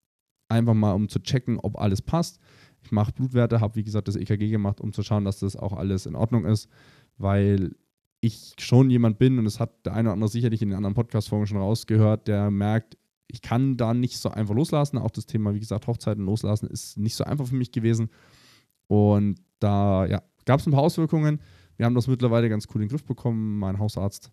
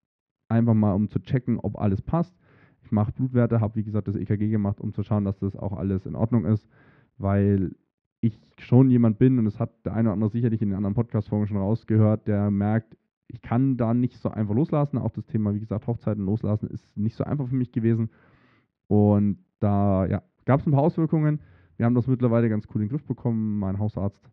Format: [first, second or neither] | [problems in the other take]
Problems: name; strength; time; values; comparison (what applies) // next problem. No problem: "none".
first | muffled; very; fading above 2 kHz